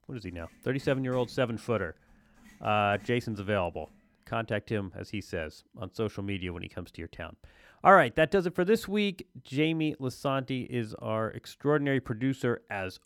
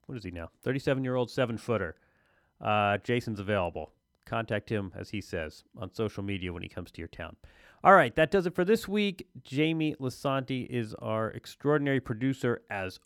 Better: second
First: household noises; faint; until 4 s; 25 dB below the speech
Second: none

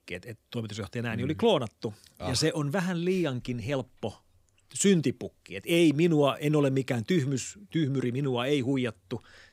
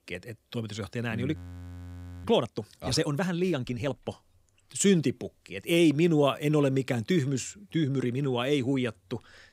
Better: first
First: none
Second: audio freezing; at 1.5 s for 1 s

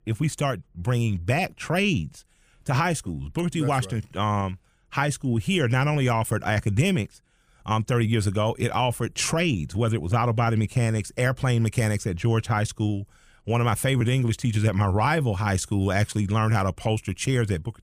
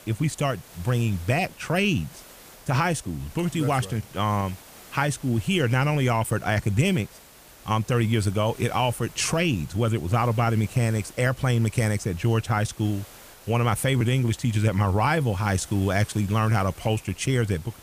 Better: first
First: none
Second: hiss; faint; throughout; 20 dB below the speech

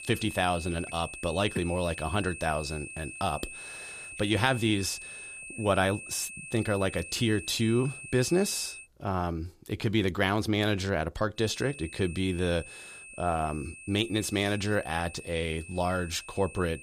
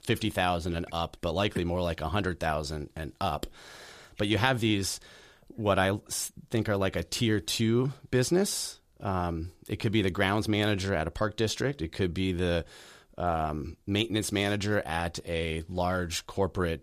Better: second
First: high-pitched whine; noticeable; until 9 s and from 11 s on; 2.5 kHz, 10 dB below the speech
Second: none

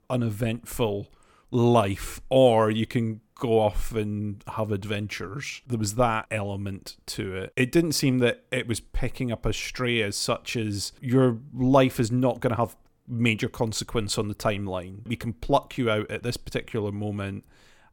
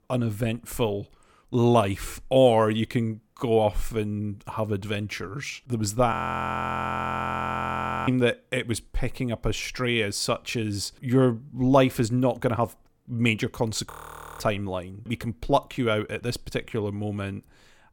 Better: first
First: none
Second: audio freezing; at 6 s for 2 s and at 14 s

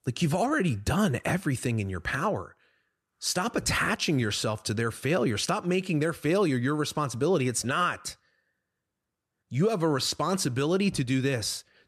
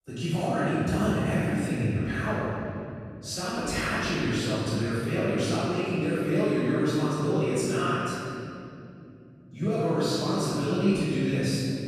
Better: first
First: none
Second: off-mic speech; far // room echo; strong; dies away in 2.9 s

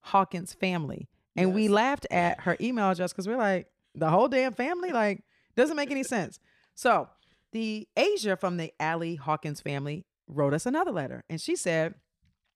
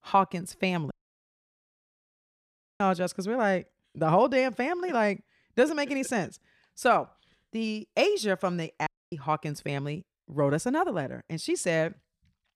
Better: first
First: none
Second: audio cutting out; at 1 s for 2 s and at 9 s

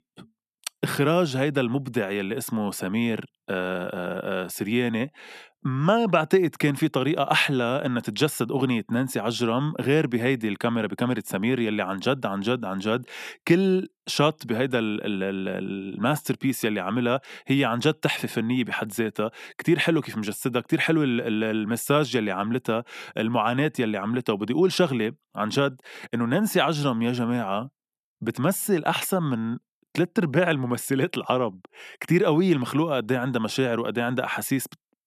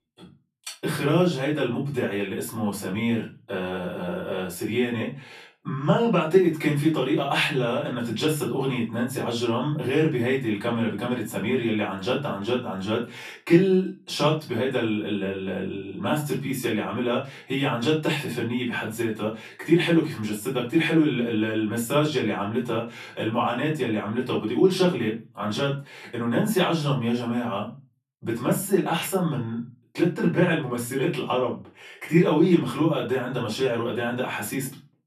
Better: first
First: none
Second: off-mic speech; far // room echo; slight; dies away in 0.3 s

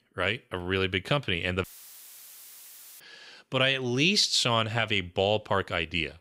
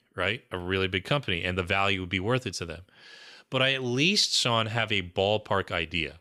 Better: second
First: audio cutting out; filled with static; at 1.5 s for 1.5 s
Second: none

